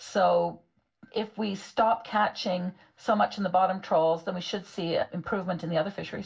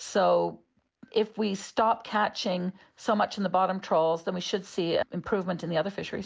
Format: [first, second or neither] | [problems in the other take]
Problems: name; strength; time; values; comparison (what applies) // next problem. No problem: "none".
second | room echo; dies away in 0.2 s